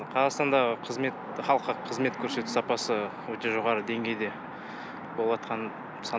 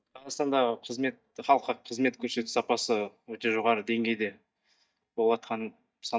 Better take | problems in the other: first | noise reduction (neural mask model DeepFilterNet 3)

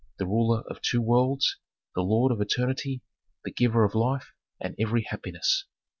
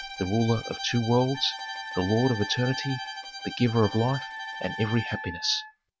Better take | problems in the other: first | background sound (Wind instrument, woodwind instrument + Bowed string instrument); 10 dB below the speech

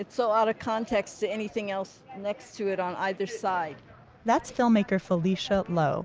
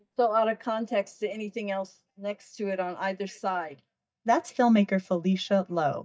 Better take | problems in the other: first | noise reduction (neural mask model DeepFilterNet 3)

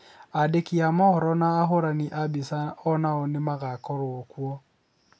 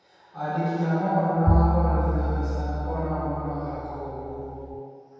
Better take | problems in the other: first | background sound (Bowed string instrument); 1 dB above the speech // room echo; dies away in 2.2 s

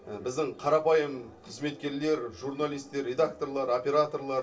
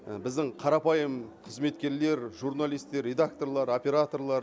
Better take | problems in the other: second | room echo; dies away in 0.2 s

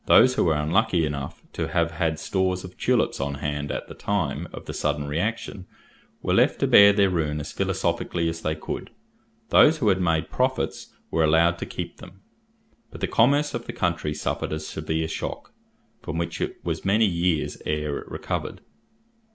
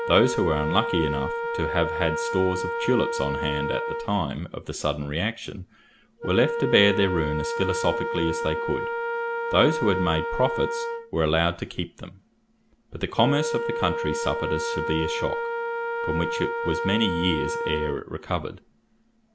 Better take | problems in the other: first | background sound (Wind instrument, woodwind instrument); 3 dB below the speech

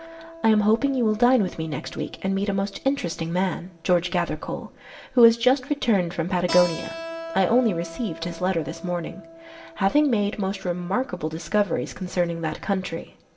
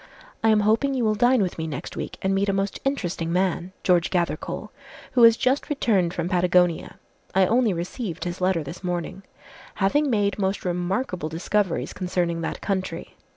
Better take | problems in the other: second | background sound (Keyboard (musical)); 17 dB below the speech // room echo; dies away in 0.6 s

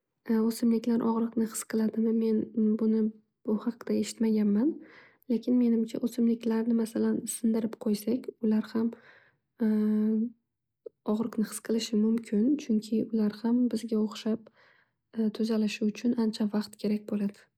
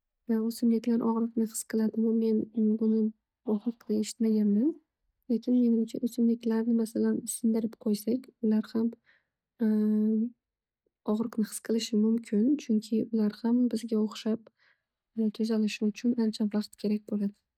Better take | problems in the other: first | noise reduction (neural mask model DeepFilterNet 3)

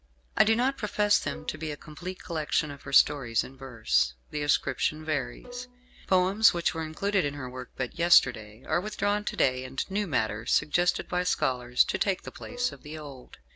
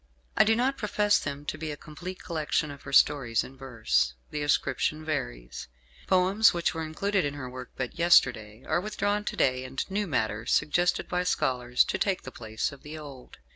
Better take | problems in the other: second | background sound (Bowed string instrument); 19 dB below the speech

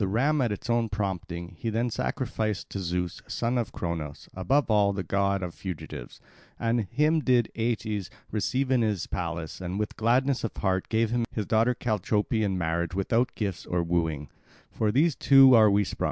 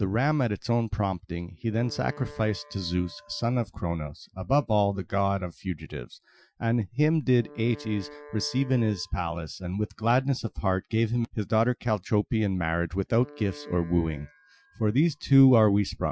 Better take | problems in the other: first | noise reduction (classical method Wiener filter)

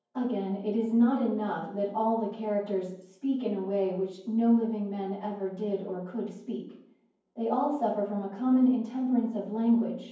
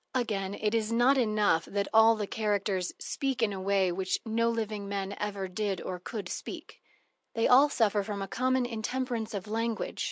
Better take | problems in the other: second | room echo; dies away in 0.9 s

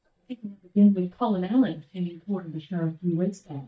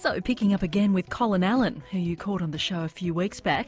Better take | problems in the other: second | noise reduction (neural mask model DeepFilterNet 3)

